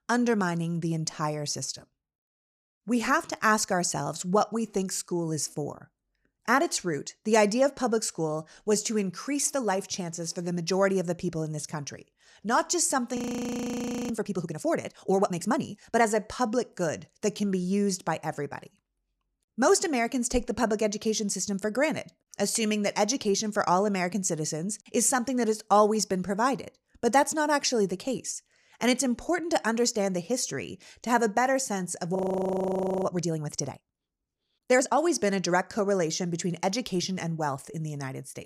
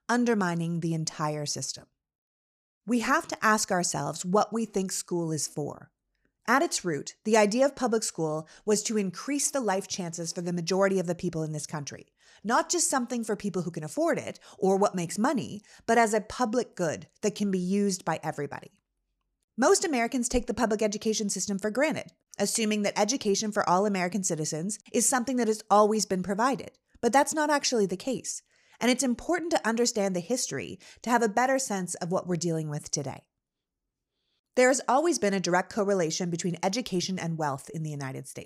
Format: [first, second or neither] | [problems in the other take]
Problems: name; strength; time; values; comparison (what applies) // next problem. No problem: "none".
second | audio freezing; at 13 s for 1 s and at 32 s for 1 s